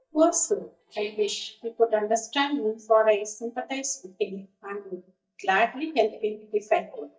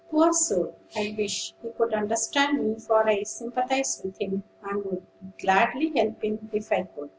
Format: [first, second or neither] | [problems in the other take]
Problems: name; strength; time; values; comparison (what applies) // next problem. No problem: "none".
second | noise reduction (neural mask model DeepFilterNet 3)